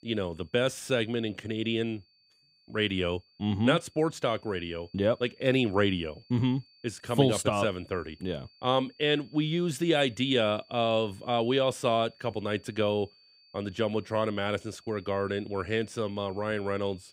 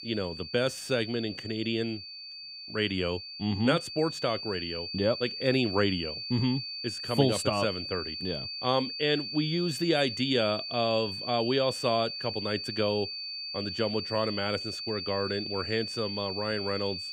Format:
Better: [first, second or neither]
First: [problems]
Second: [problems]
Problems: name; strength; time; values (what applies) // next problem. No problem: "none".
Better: first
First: high-pitched whine; faint; throughout; 4.5 kHz, 30 dB below the speech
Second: high-pitched whine; loud; throughout; 4.5 kHz, 5 dB below the speech